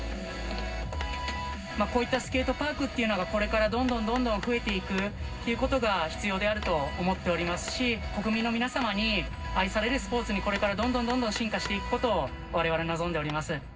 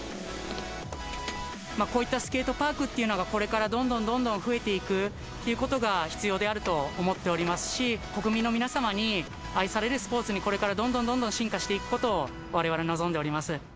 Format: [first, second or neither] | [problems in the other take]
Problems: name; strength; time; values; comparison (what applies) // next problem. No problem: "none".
second | background sound (Hammer); 19 dB below the speech // room echo; dies away in 0.4 s